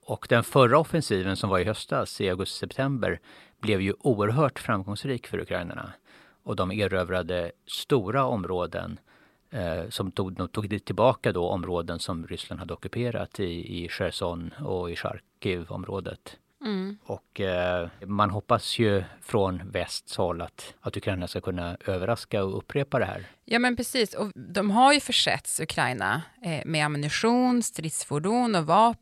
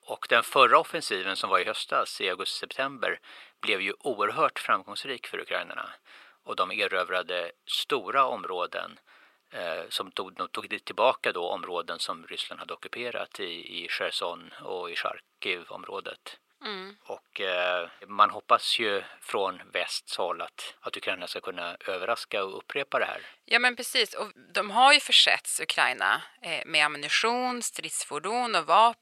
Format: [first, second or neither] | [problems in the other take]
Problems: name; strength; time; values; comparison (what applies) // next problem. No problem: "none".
first | thin; very; fading below 500 Hz